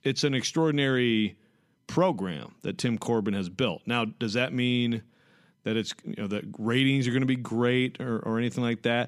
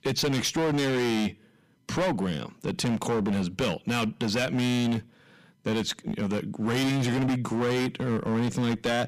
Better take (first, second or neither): first